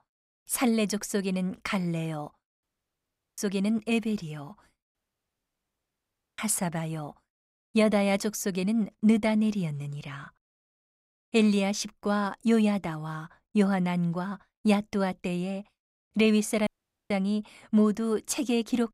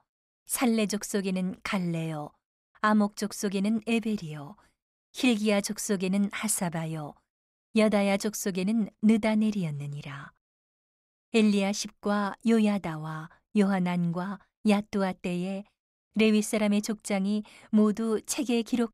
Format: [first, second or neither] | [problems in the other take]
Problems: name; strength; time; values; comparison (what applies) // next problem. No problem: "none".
second | audio cutting out; at 2.5 s for 1 s, at 5 s for 1.5 s and at 17 s